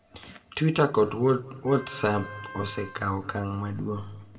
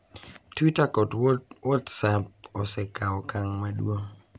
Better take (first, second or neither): second